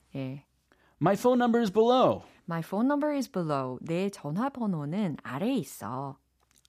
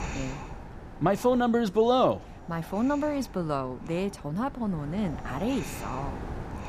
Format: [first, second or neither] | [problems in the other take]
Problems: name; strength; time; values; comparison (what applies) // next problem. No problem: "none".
first | wind noise on the microphone; occasional gusts; 15 dB below the speech